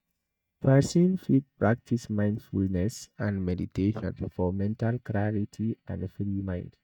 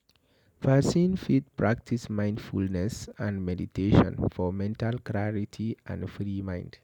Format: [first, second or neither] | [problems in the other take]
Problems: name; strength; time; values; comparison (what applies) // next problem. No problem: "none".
second | noise reduction (neural mask model DeepFilterNet 3)